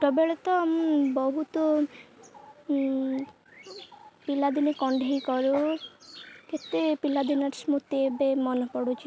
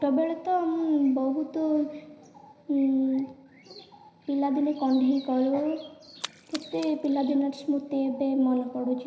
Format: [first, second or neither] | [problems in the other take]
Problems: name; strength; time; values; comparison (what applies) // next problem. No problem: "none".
first | background sound (Splash, splatter); 16 dB below the speech // room echo; dies away in 0.9 s